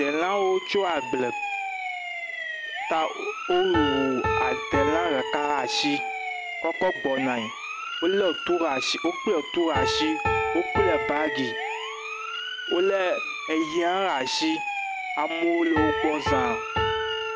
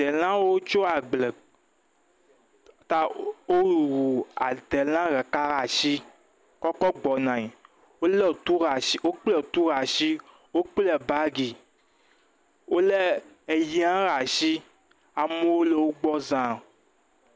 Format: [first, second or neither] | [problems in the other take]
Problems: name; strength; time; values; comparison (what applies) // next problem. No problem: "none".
second | background sound (Siren + Piano); 2 dB below the speech